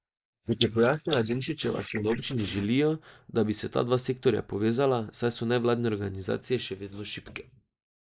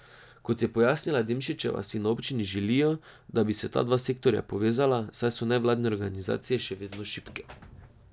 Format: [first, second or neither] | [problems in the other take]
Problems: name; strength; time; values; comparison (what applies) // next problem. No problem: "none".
second | noise reduction (neural mask model Resemble Enhance denoiser)